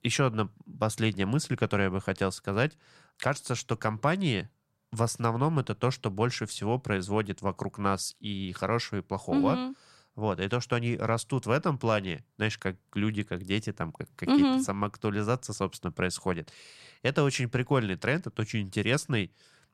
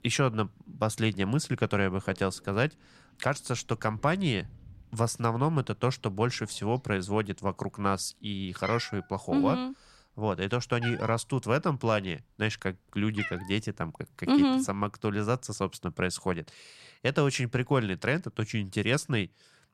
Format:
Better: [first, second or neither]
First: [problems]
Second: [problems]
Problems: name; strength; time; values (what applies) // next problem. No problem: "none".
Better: first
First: none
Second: animal sounds; noticeable; until 14 s; 15 dB below the speech